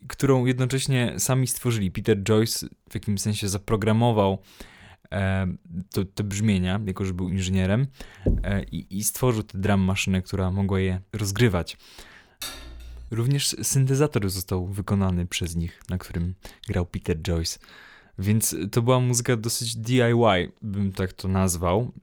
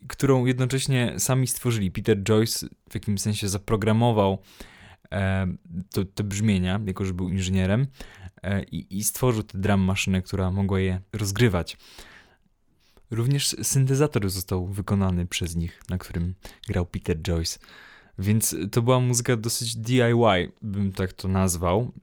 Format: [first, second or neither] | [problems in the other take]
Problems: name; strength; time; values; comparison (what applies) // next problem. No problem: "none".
second | door banging; noticeable; at 8.5 s; peak 3 dB below the speech // clattering dishes; faint; at 12 s; peak 10 dB below the speech